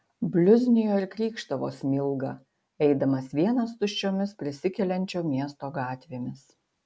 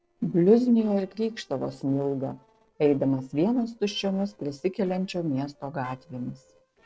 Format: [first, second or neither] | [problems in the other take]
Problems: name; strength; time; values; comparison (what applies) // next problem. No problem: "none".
first | noise reduction (neural separator model SepFormer DNS4)